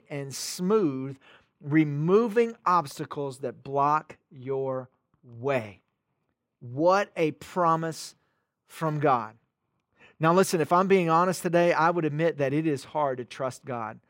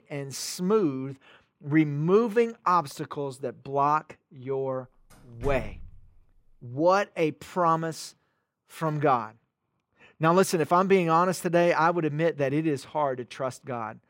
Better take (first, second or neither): first